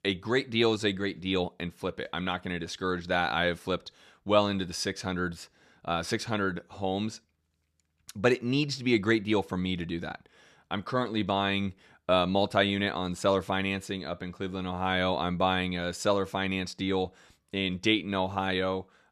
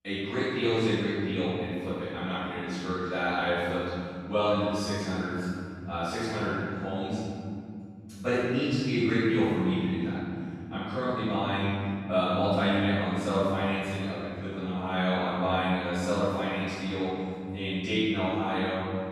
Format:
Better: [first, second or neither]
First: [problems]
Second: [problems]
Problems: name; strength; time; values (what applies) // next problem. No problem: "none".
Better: first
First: none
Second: off-mic speech; far // room echo; strong; dies away in 3 s